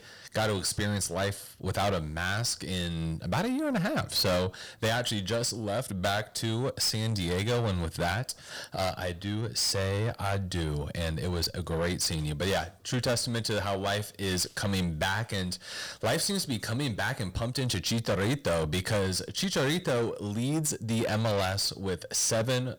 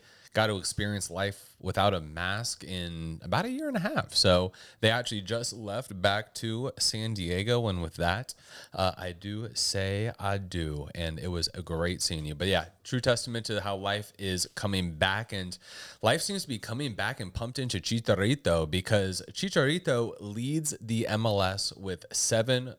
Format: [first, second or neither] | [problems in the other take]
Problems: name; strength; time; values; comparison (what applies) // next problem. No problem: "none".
second | distortion; heavy; 6 dB below the speech